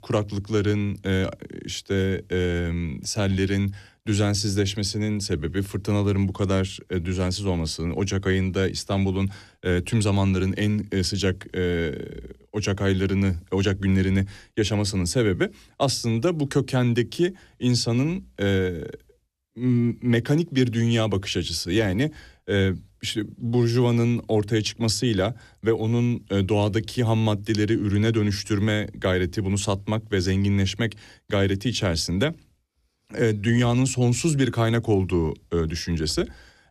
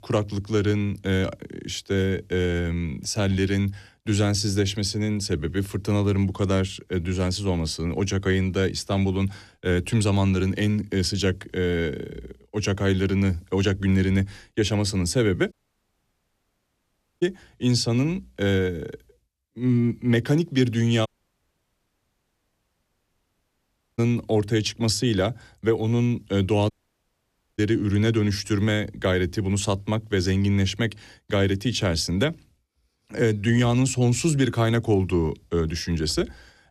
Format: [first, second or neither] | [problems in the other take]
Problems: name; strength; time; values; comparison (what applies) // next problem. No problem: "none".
first | audio cutting out; at 16 s for 1.5 s, at 21 s for 3 s and at 27 s for 1 s